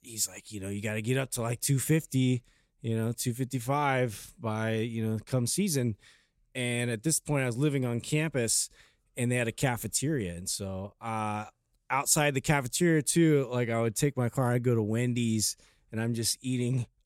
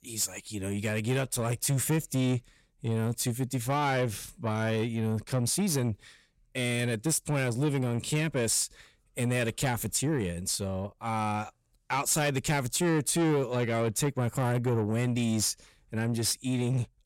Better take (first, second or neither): first